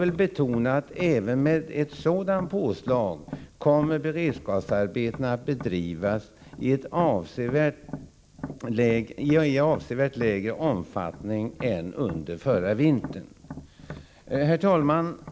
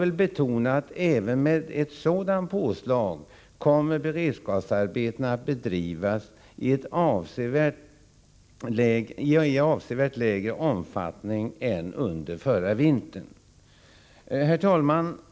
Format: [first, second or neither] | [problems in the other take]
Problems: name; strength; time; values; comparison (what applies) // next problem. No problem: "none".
second | background sound (Tap); 16 dB below the speech